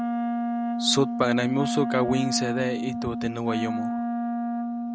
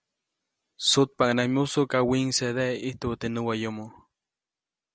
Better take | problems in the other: second | background sound (Wind instrument, woodwind instrument); as loud as the speech

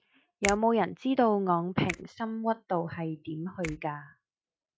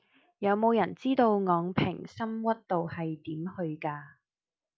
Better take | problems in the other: second | noise reduction (neural mask model RNNoise)

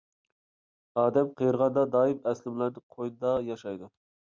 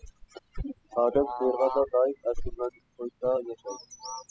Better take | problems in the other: first | noise reduction (classical method spectral subtraction)

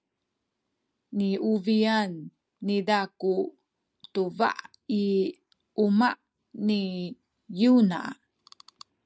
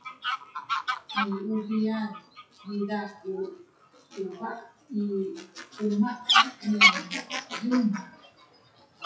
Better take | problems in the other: first | noise reduction (classical method WPE with log-MMSE)

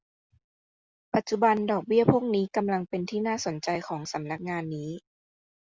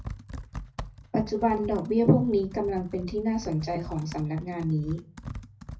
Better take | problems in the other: first | background sound (Computer keyboard); 13 dB below the speech // room echo; dies away in 0.4 s

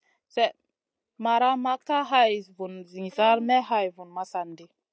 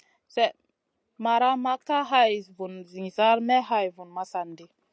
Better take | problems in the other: second | noise reduction (neural mask model DeepFilterNet 3)

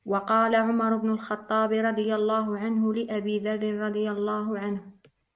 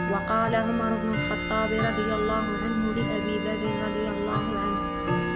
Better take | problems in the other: first | background sound (Tick-tock / Bell); as loud as the speech

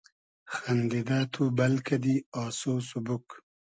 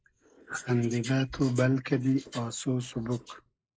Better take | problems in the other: first | noise reduction (neural mask model Resemble Enhance denoiser)

